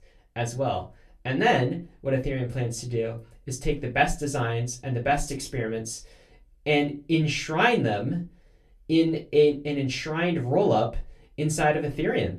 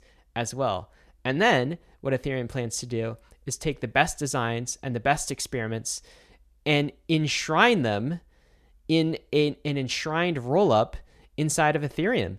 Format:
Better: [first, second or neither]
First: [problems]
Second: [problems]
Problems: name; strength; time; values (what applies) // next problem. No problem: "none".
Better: second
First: off-mic speech; far // room echo; very slight; dies away in 0.2 s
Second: none